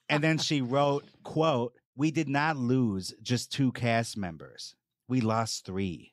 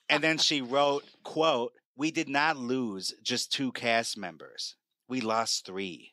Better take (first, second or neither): first